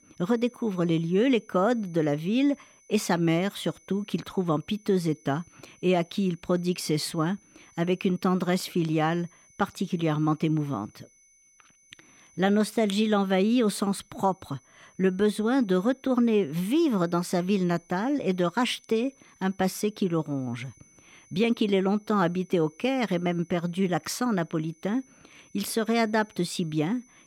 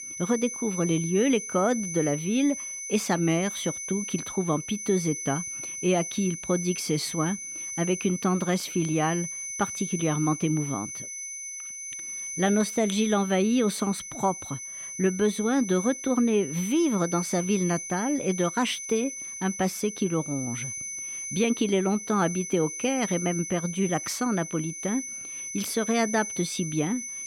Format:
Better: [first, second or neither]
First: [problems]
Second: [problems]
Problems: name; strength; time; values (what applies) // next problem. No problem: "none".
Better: first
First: high-pitched whine; faint; throughout; 6 kHz, 30 dB below the speech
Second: high-pitched whine; loud; throughout; 6 kHz, 7 dB below the speech